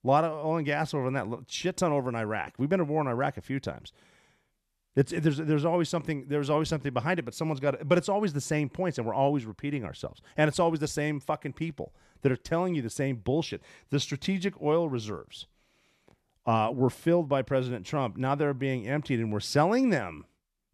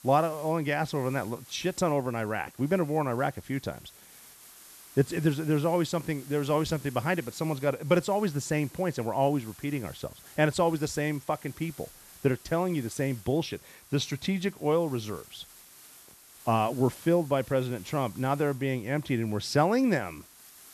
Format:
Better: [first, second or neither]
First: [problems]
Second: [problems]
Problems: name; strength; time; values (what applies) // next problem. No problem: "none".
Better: first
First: none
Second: hiss; faint; throughout; 20 dB below the speech